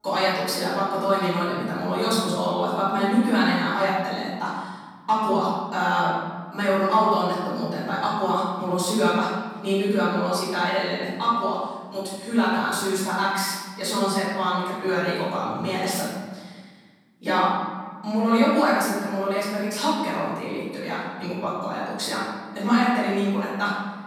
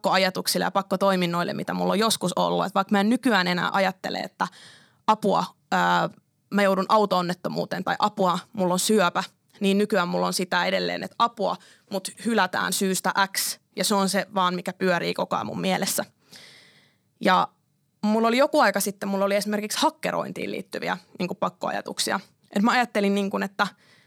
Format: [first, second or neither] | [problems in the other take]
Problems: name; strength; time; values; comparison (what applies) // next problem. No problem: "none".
second | off-mic speech; far // room echo; strong; dies away in 1.3 s